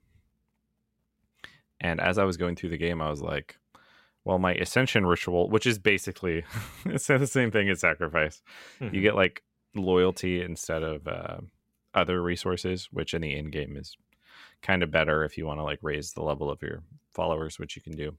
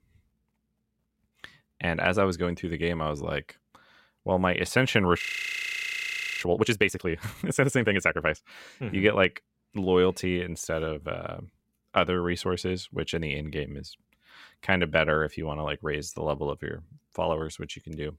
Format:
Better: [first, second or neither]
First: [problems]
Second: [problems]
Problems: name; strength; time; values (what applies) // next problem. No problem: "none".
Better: first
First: none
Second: audio freezing; at 5 s for 1 s